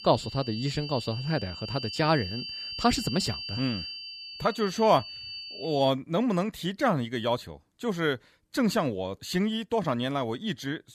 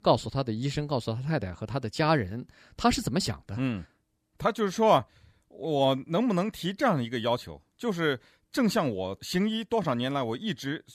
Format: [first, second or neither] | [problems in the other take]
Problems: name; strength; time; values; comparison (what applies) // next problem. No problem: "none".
second | high-pitched whine; loud; until 6 s; 4.5 kHz, 8 dB below the speech